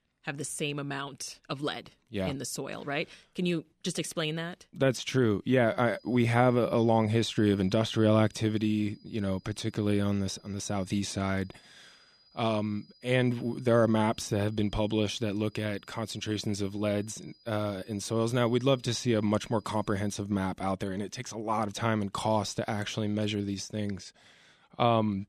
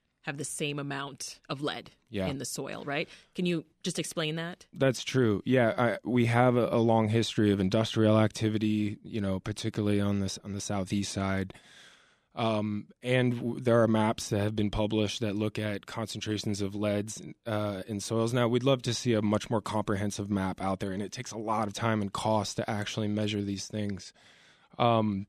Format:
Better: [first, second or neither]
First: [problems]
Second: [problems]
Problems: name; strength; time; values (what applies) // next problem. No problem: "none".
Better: second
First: high-pitched whine; faint; from 6 to 20 s; 5 kHz, 30 dB below the speech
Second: none